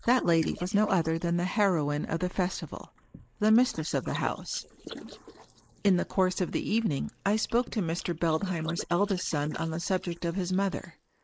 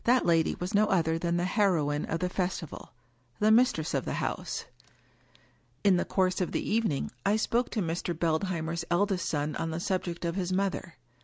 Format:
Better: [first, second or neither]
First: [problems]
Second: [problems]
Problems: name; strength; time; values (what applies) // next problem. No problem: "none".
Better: second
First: noise reduction (neural mask model Resemble Enhance denoiser)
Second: none